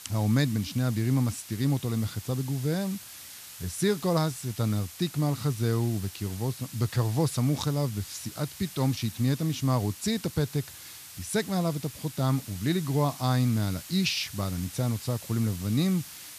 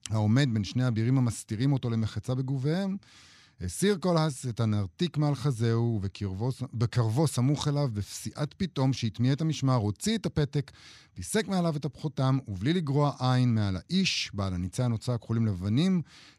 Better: second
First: hiss; noticeable; throughout; 15 dB below the speech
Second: none

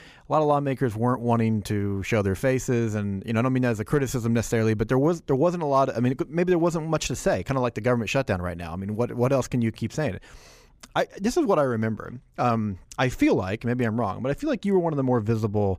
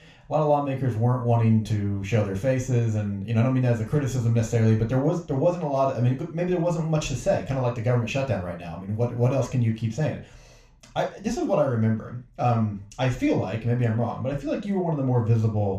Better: first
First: none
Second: room echo; slight; dies away in 0.3 s // off-mic speech; somewhat distant

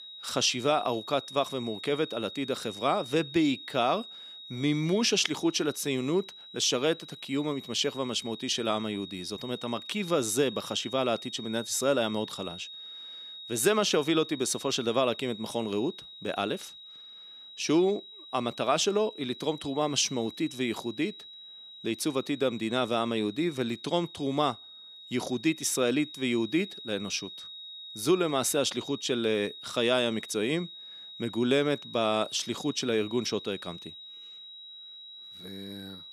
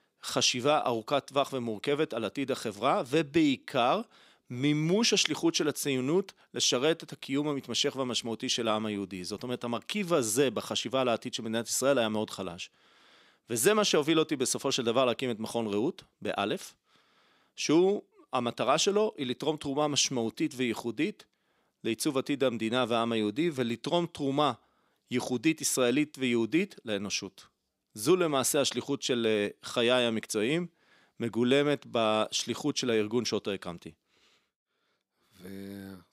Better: second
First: high-pitched whine; noticeable; throughout; 4 kHz, 15 dB below the speech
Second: none

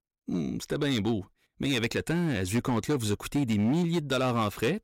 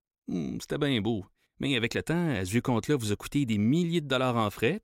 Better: second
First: distortion; slight; 10% of the sound clipped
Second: none

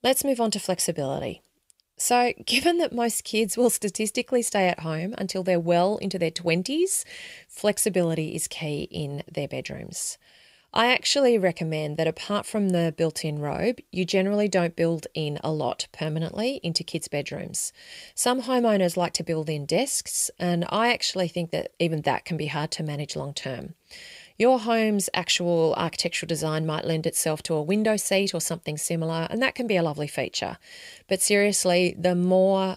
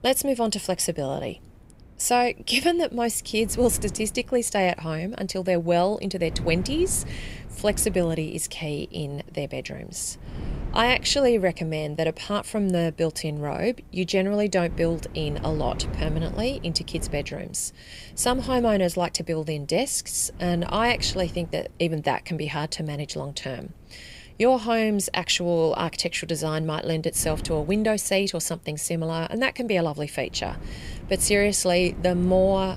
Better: first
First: none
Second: wind noise on the microphone; occasional gusts; 20 dB below the speech

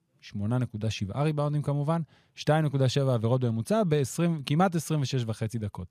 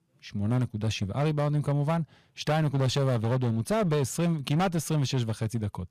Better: first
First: none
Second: distortion; slight; 19% of the sound clipped

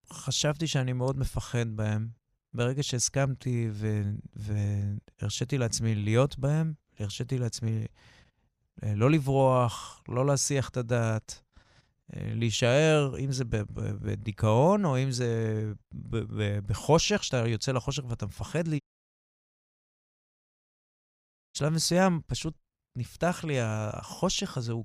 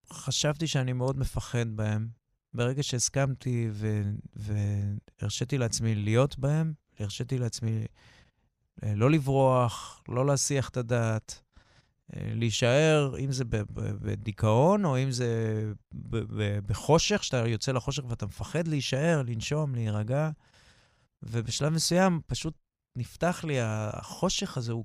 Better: second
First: audio cutting out; at 19 s for 2.5 s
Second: none

